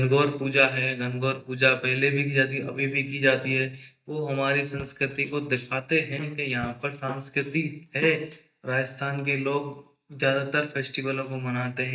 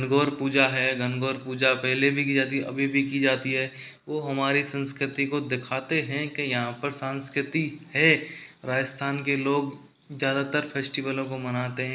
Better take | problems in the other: second | noise reduction (neural mask model DeepFilterNet 3)

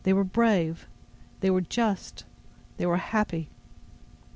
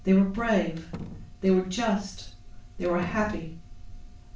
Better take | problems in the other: first | background sound (Slam); 18 dB below the speech // room echo; dies away in 0.3 s

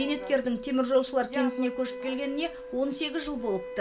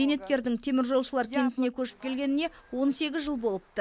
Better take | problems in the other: second | background sound (Wind instrument, woodwind instrument); 11 dB below the speech // room echo; dies away in 0.8 s

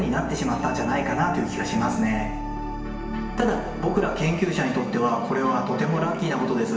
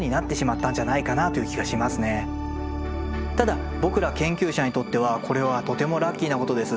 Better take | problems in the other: second | room echo; dies away in 1 s

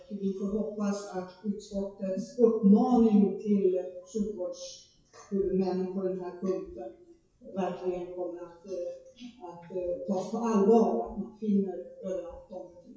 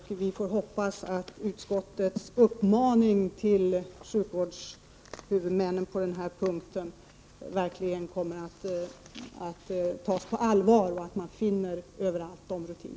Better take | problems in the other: second | noise reduction (classical method WPE with log-MMSE)

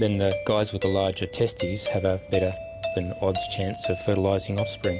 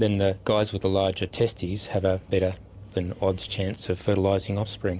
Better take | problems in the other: second | background sound (Doorbell); 8 dB below the speech

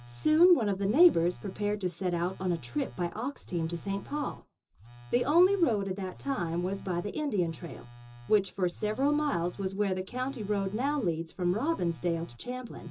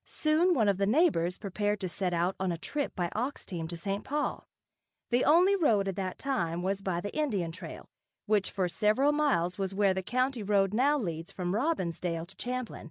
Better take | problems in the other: second | background sound (Telephone); 19 dB below the speech // room echo; dies away in 0.2 s

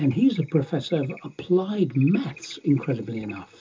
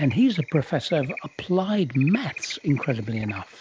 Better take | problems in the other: second | room echo; dies away in 0.2 s

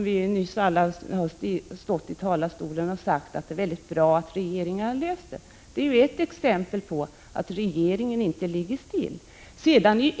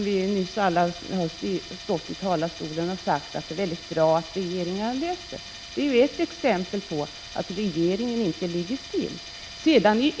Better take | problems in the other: first | background sound (Tools); 15 dB below the speech

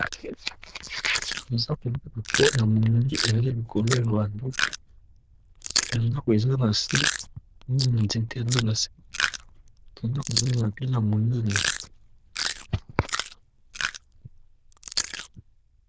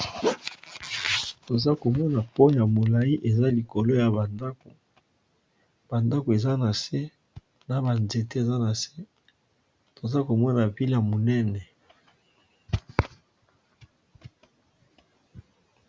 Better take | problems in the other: second | noise reduction (neural diffusion model UNIVERSE++)

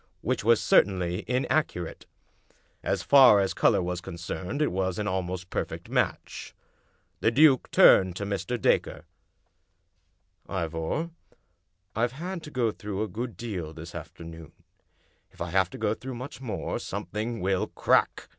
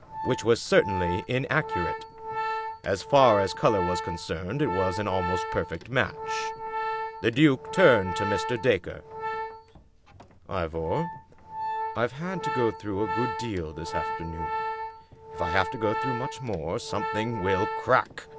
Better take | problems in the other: first | background sound (Organ); 5 dB below the speech

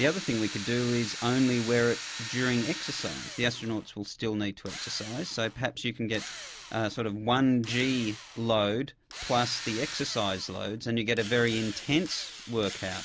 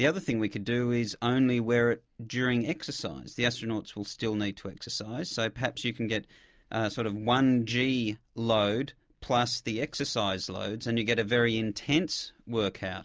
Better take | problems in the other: second | background sound (Drill); 12 dB below the speech

